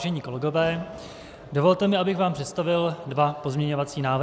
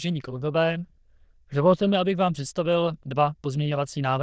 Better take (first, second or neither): first